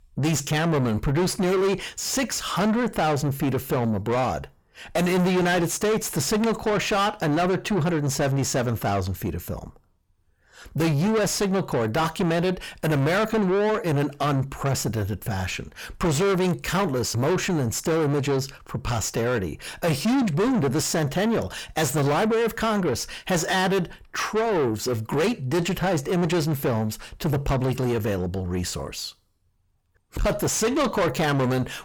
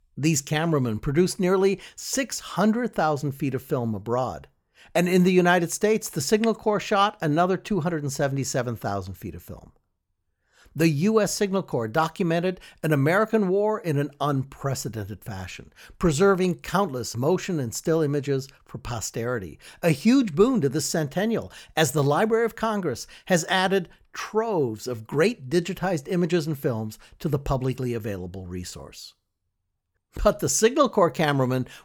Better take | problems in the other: second | distortion; heavy; 5 dB below the speech

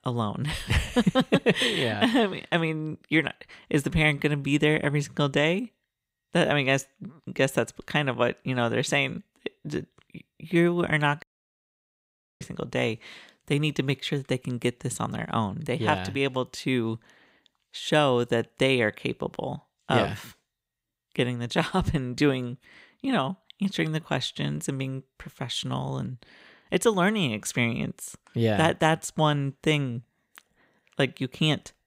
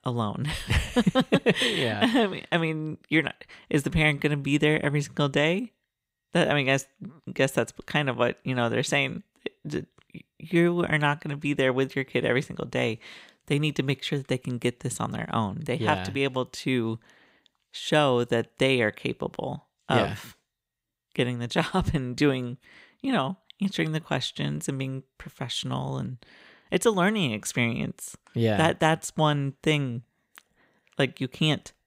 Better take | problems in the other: second | audio cutting out; at 11 s for 1 s

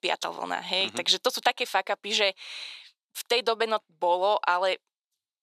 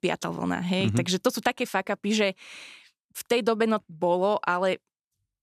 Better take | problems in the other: second | thin; very; fading below 550 Hz

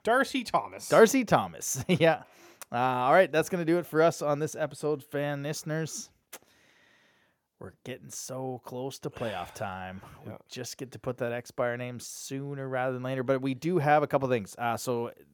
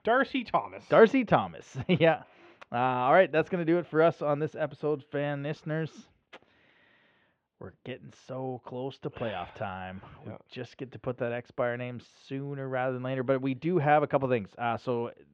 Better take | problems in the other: first | muffled; very; fading above 3 kHz

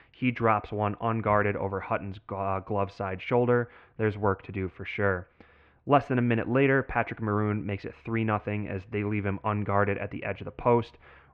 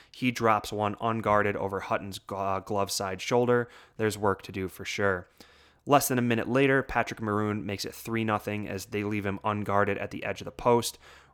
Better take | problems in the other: second | muffled; very; fading above 2.5 kHz

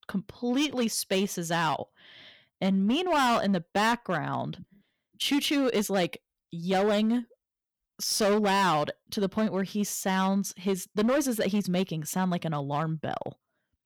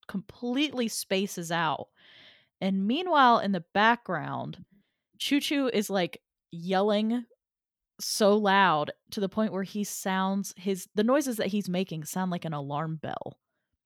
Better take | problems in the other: second | distortion; heavy; 9% of the sound clipped

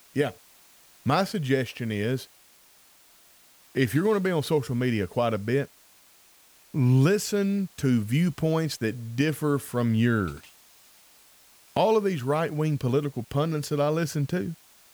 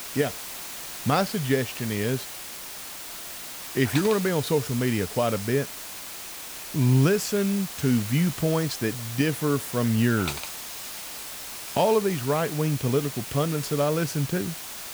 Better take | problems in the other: first | hiss; loud; throughout; 9 dB below the speech; faint in the first

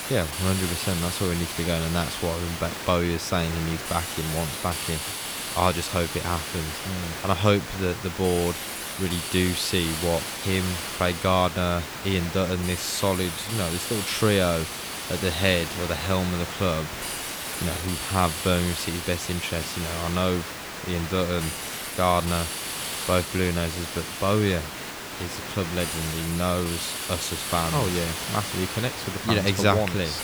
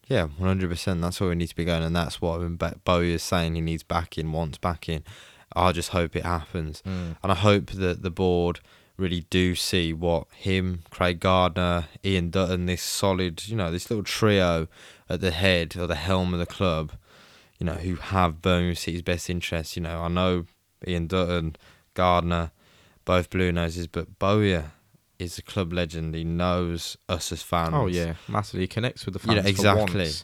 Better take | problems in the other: second | hiss; loud; throughout; 4 dB below the speech

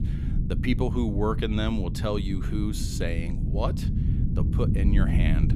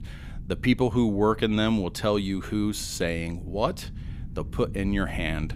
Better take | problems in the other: second | low rumble; loud; throughout; 7 dB below the speech; faint in the second

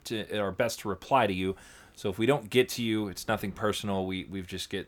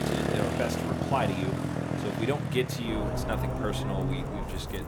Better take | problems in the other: first | traffic noise; very loud; throughout; 2 dB above the speech

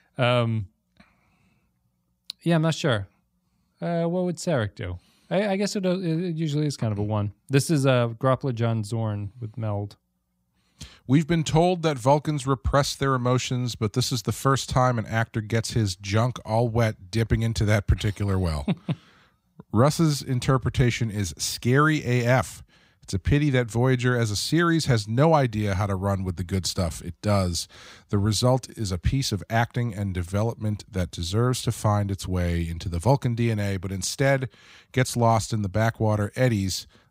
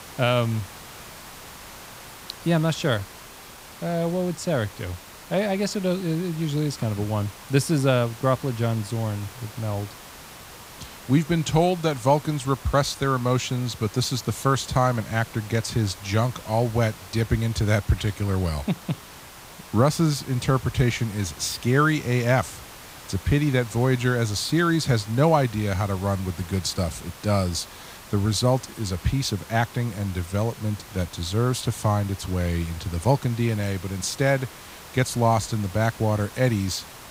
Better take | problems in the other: first | hiss; noticeable; throughout; 15 dB below the speech

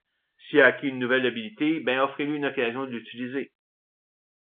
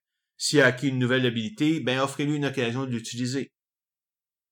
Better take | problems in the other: second | phone-call audio; nothing above 3.5 kHz

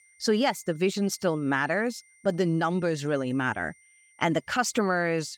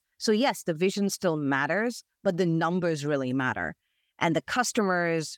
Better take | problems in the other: second | high-pitched whine; faint; throughout; 2 kHz, 30 dB below the speech

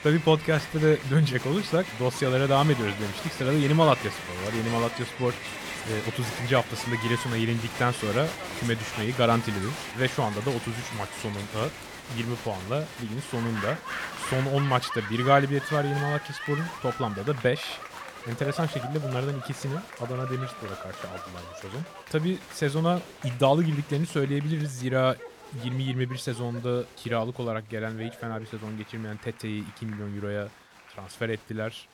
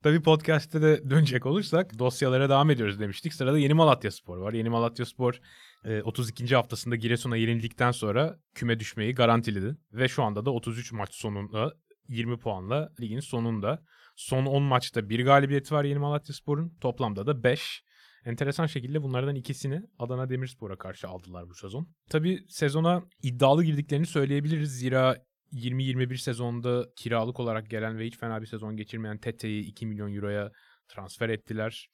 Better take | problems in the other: second | crowd noise; loud; throughout; 9 dB below the speech

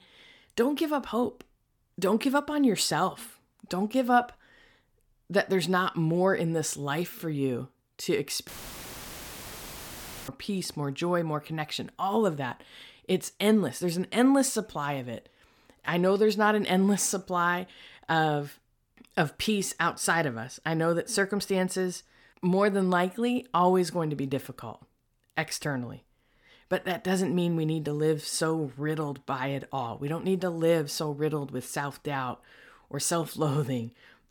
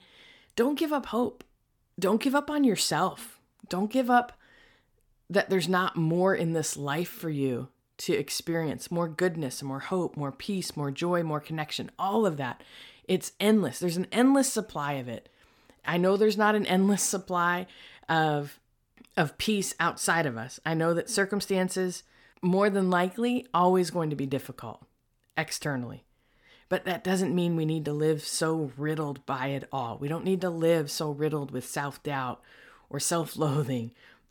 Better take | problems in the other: second | audio cutting out; filled with static; at 8.5 s for 2 s

